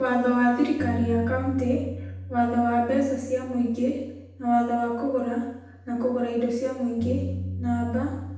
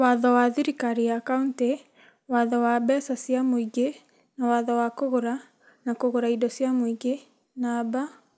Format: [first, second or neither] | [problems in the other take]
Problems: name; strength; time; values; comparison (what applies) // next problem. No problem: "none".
second | background sound (Bass guitar); 10 dB below the speech // room echo; dies away in 0.8 s